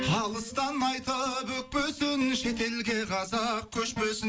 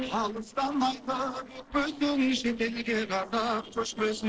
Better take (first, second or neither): first